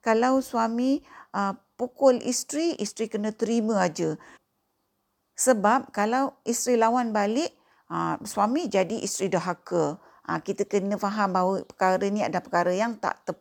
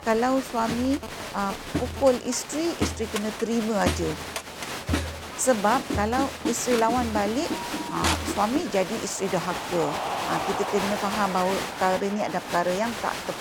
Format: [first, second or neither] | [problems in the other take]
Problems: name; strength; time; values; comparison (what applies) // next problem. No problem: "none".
first | crowd noise; loud; throughout; 4 dB below the speech